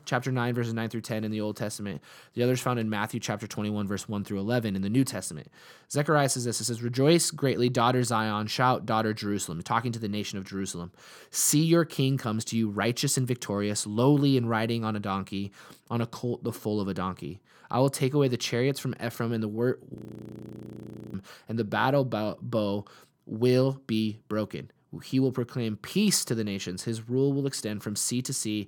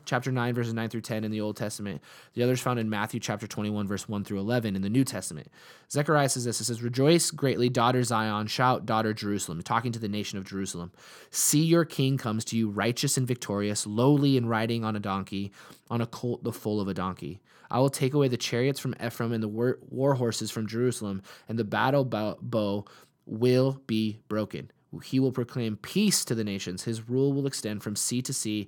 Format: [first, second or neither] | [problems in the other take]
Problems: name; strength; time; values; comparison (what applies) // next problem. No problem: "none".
second | audio freezing; at 20 s for 1 s